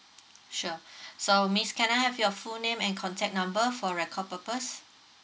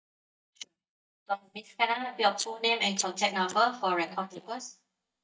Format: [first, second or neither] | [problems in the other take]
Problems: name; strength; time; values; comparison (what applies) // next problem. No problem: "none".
first | noise reduction (neural mask model DeepFilterNet 3)